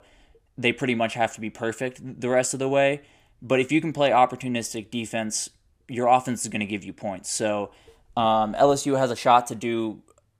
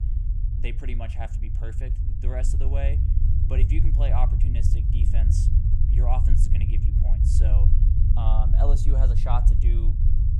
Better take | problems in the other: first | low rumble; loud; throughout; 3 dB below the speech

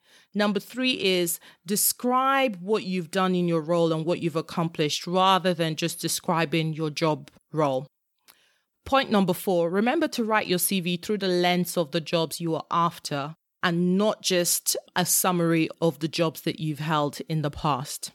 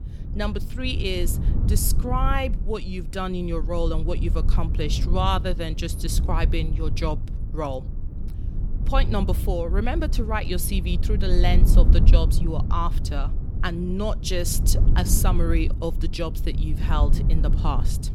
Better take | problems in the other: first | low rumble; noticeable; throughout; 10 dB below the speech

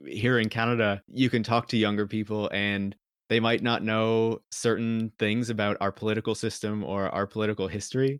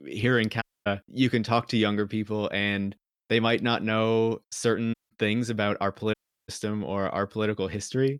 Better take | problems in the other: first | audio cutting out; at 0.5 s, at 5 s and at 6 s

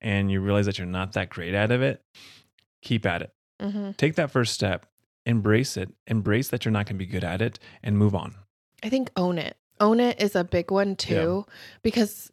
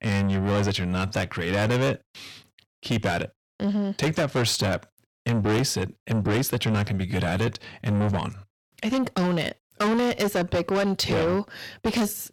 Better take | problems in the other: first | distortion; heavy; 6 dB below the speech

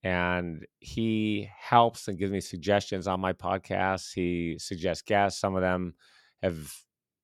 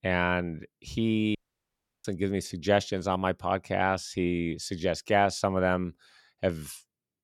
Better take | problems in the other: first | audio cutting out; at 1.5 s for 0.5 s

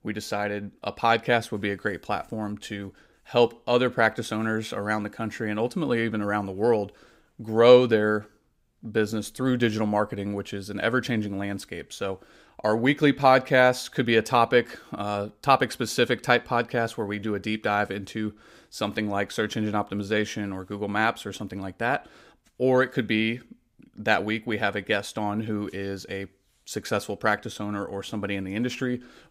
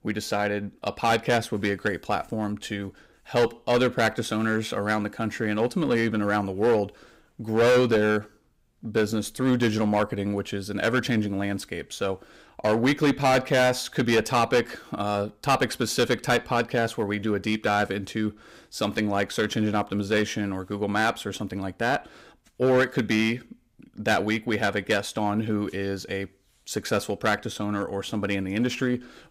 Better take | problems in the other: first | distortion; heavy; 6% of the sound clipped

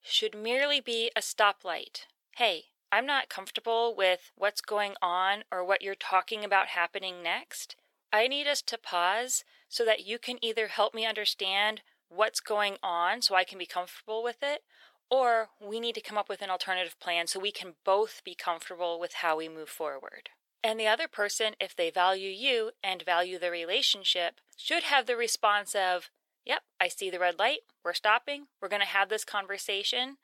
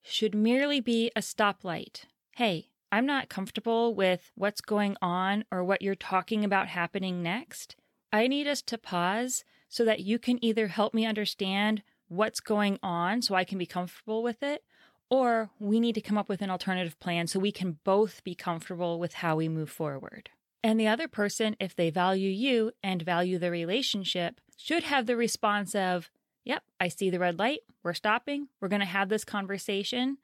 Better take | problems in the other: second | thin; very; fading below 500 Hz

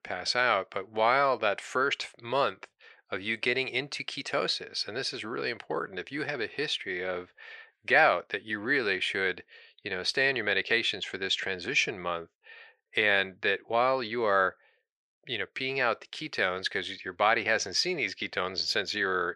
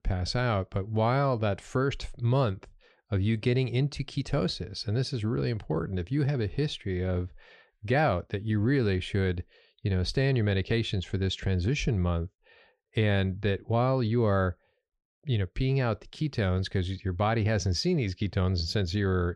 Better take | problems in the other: second | thin; very; fading below 500 Hz

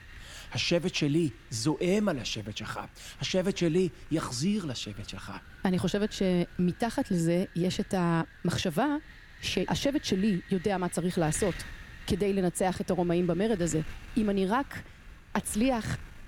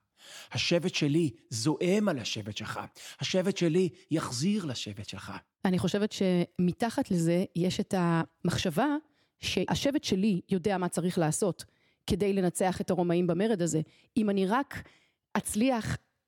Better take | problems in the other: second | wind noise on the microphone; occasional gusts; 15 dB below the speech

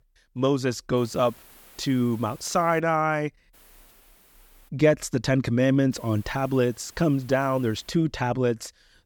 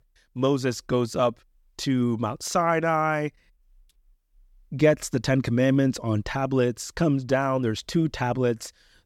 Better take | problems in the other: second | hiss; faint; from 1 to 3 s, from 3.5 to 4.5 s and from 6 to 8 s; 25 dB below the speech

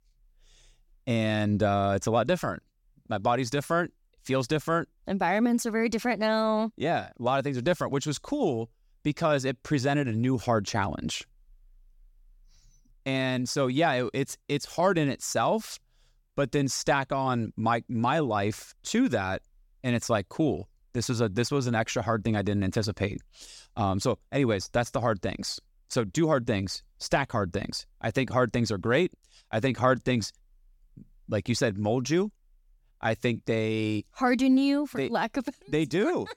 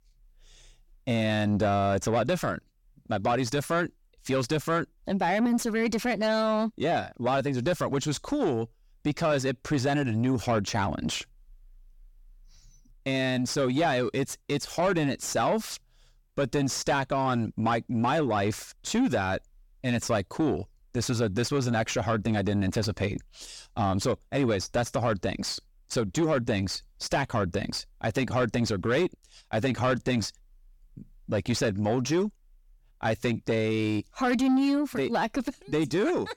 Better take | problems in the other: first | distortion; slight; 10 dB below the speech

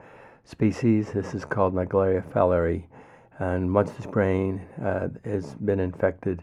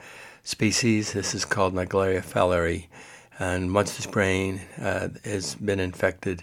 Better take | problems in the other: second | muffled; very; fading above 2 kHz

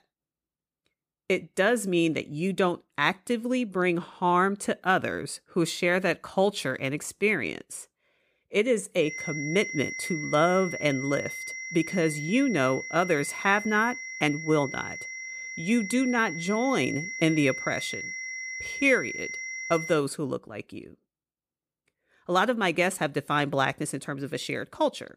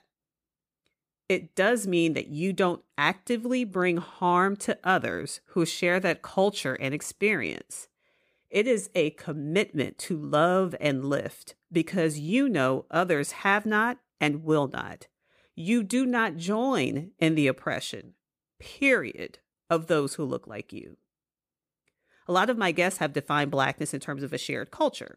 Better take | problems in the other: second | high-pitched whine; loud; from 9 to 20 s; 2 kHz, 8 dB below the speech

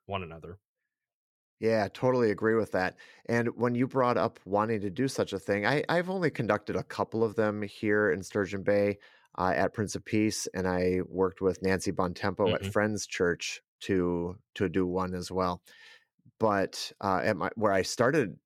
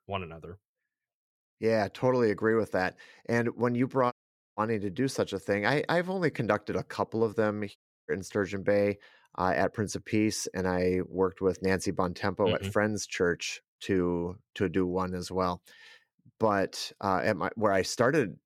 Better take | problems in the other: first | audio cutting out; at 4 s and at 8 s

